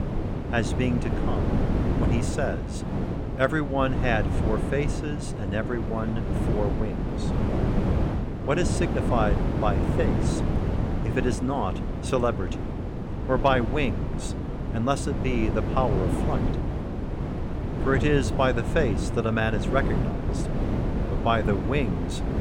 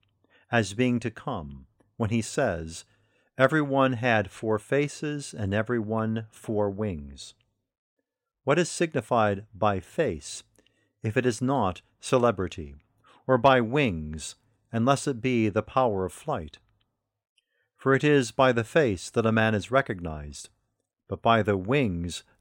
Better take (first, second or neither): second